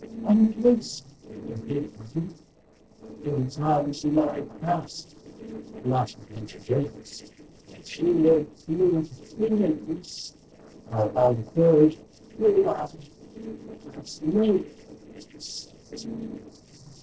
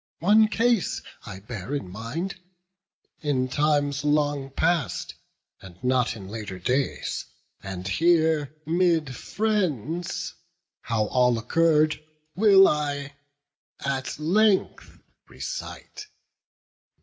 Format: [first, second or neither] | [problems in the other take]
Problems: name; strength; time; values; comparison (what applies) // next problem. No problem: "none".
second | noise reduction (neural separator model SepFormer DNS4)